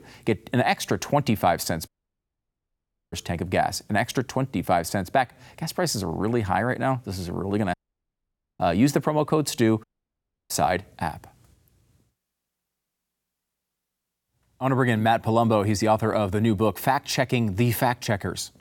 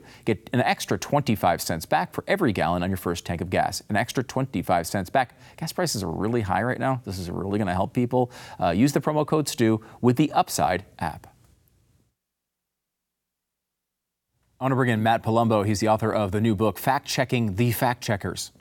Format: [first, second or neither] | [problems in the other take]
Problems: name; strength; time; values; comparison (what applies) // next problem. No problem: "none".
second | audio cutting out; at 2 s for 1 s, at 7.5 s for 1 s and at 10 s for 0.5 s